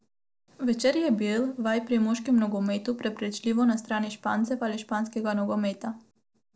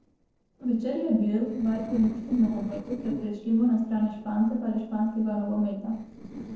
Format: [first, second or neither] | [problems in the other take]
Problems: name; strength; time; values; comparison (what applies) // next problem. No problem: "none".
first | noise reduction (neural separator model SepFormer DNS4)